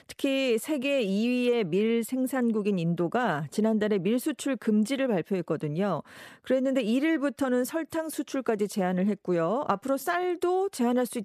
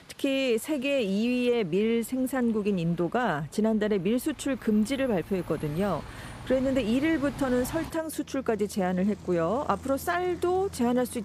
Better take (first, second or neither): first